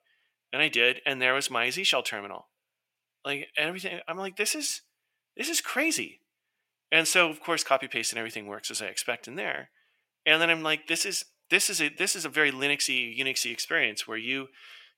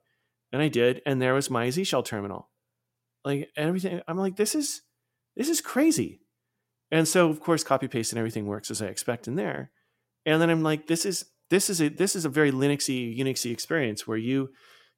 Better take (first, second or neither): second